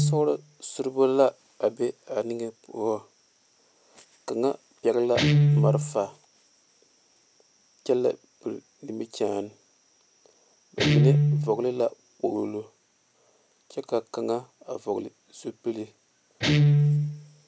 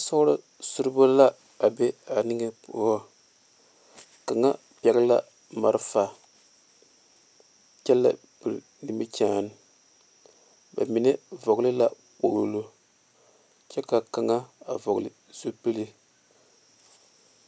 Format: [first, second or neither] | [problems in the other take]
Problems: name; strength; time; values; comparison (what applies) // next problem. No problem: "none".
second | background sound (Guitar); 1 dB above the speech